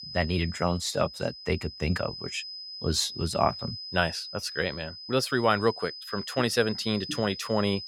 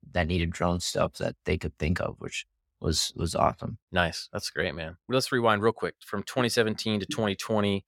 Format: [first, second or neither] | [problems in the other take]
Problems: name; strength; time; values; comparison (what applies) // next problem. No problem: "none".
second | high-pitched whine; loud; throughout; 5 kHz, 10 dB below the speech